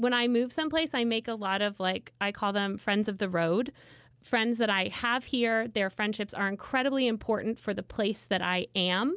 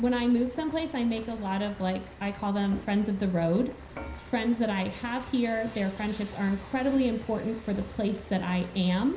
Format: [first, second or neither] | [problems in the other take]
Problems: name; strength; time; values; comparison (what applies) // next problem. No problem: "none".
first | background sound (Frying (food) / Dishes, pots, and pans); 16 dB below the speech // room echo; dies away in 0.5 s